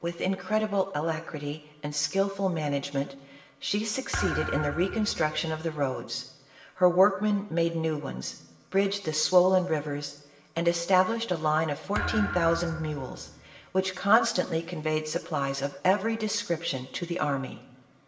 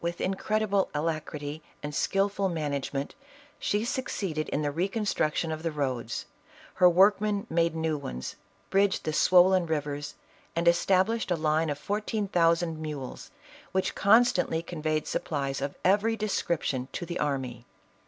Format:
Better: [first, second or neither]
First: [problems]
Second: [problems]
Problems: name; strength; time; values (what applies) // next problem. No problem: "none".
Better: second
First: background sound (Thump, thud); 9 dB below the speech // room echo; dies away in 0.9 s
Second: none